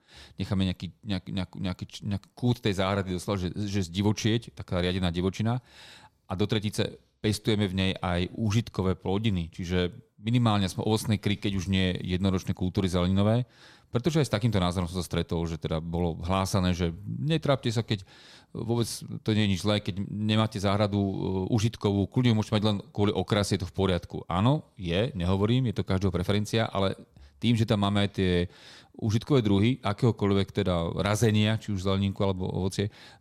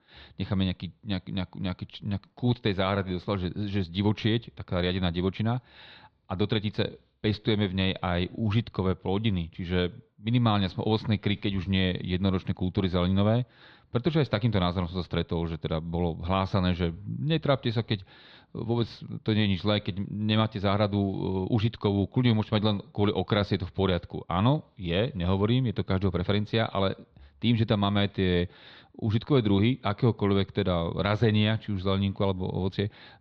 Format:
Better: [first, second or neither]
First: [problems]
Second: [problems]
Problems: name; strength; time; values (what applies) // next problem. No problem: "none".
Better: first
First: none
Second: muffled; very slightly; fading above 4 kHz